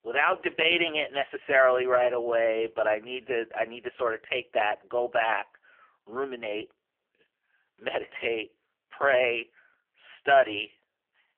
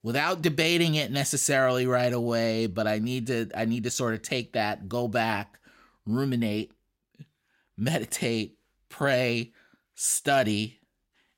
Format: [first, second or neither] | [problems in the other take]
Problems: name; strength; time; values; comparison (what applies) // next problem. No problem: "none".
second | phone-call audio; poor line; nothing above 3 kHz